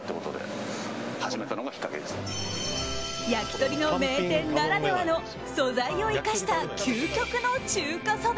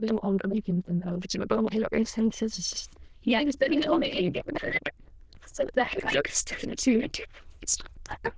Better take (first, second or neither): first